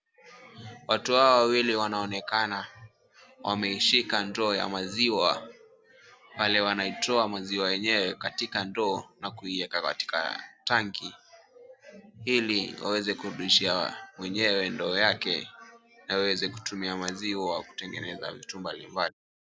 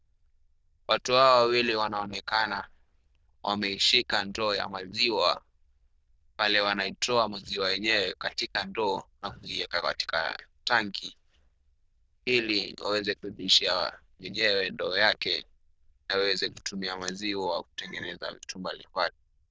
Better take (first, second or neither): first